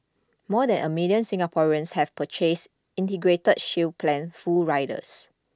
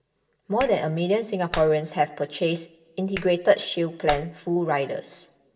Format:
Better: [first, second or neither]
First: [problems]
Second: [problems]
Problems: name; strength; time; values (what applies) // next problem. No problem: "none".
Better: first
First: none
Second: background sound (Clapping); 14 dB below the speech // room echo; dies away in 0.7 s